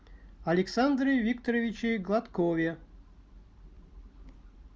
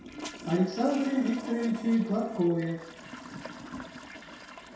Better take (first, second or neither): first